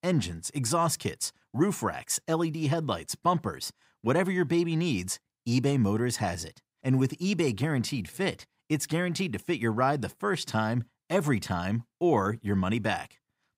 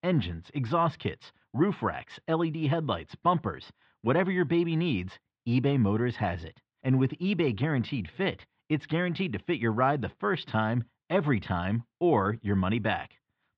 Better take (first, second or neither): first